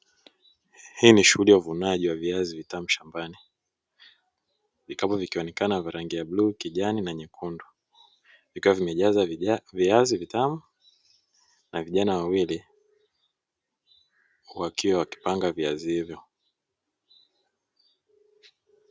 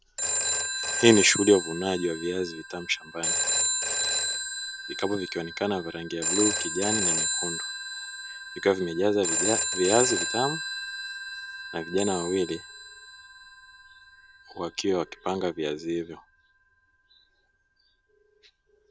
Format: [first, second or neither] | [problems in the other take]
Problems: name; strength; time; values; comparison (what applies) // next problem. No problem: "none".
first | background sound (Telephone); 2 dB below the speech